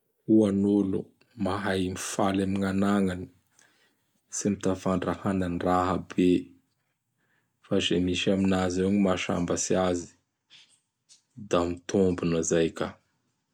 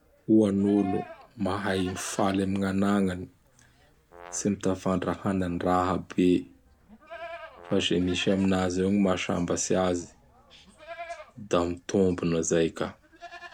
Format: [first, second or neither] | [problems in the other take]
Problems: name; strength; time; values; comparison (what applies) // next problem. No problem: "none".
first | background sound (Brass instrument + Livestock, farm animals, working animals); 20 dB below the speech